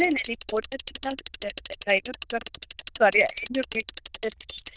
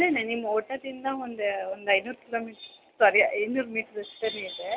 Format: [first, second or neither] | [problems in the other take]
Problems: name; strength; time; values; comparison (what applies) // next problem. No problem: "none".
second | noise reduction (neural diffusion model UNIVERSE++)